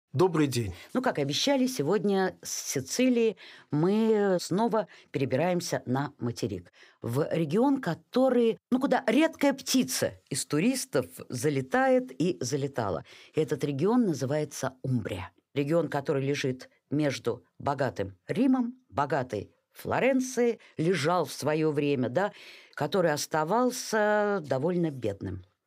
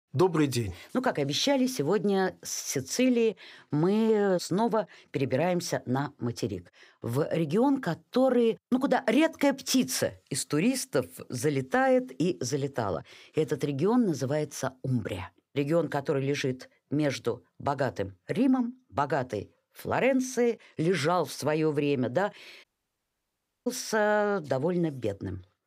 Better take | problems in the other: first | audio cutting out; at 23 s for 1 s

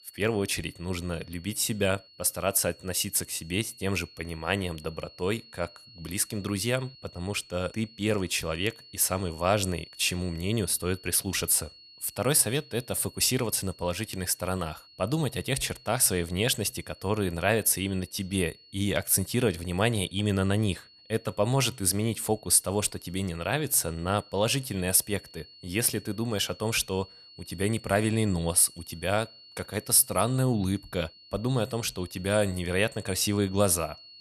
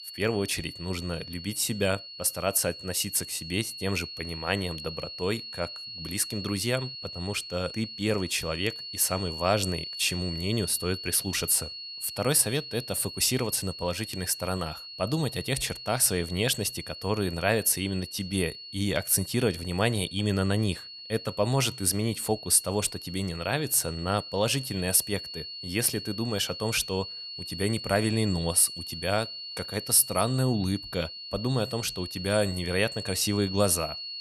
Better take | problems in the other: first | high-pitched whine; loud; throughout; 4.5 kHz, 10 dB below the speech; faint in the first

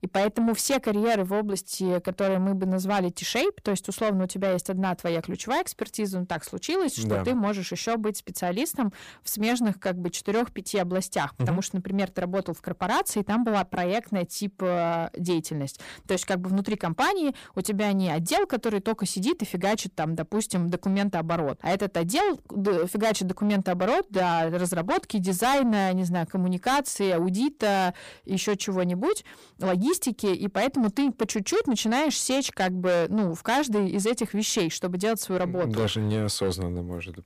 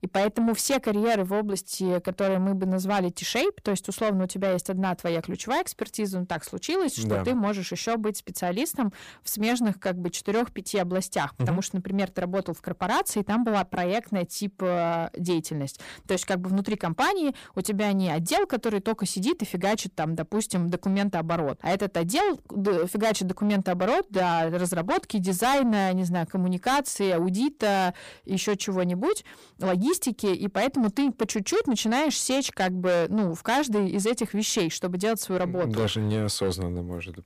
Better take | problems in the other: neither | distortion; heavy; 8 dB below the speech; the same in both

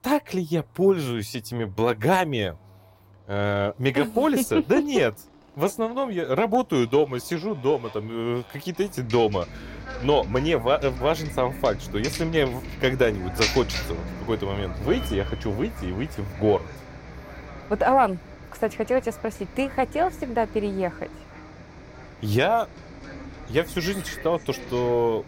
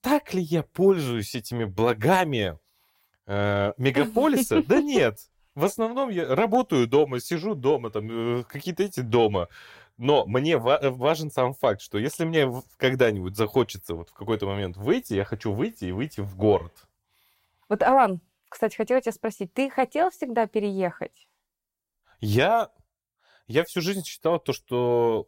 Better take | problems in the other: second | traffic noise; noticeable; throughout; 10 dB below the speech

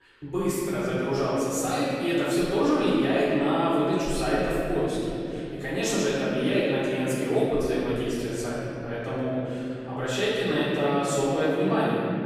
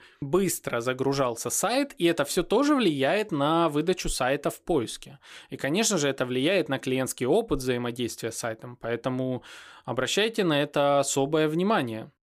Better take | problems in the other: second | off-mic speech; far // room echo; strong; dies away in 3 s

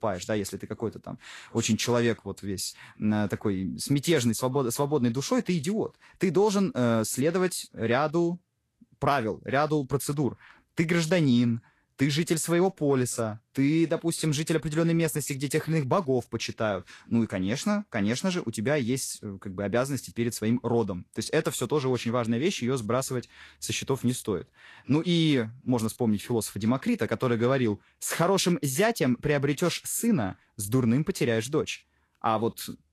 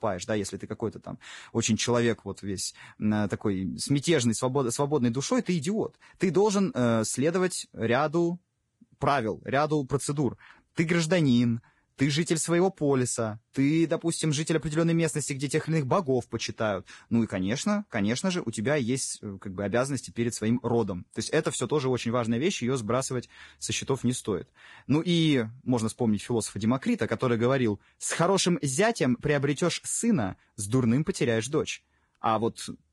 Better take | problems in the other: first | garbled, watery; badly; nothing above 10.5 kHz; slightly in the first

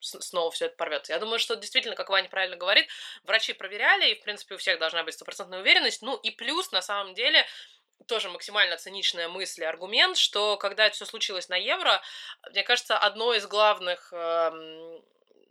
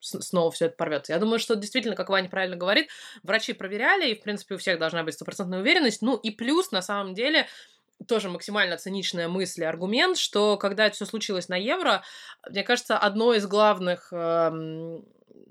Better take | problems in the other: second | thin; very; fading below 650 Hz

